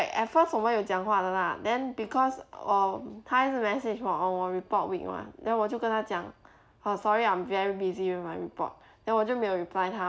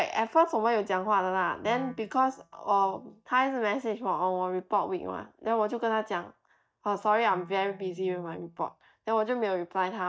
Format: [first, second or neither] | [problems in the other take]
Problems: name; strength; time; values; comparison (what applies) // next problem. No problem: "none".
first | noise reduction (neural mask model DeepFilterNet 3)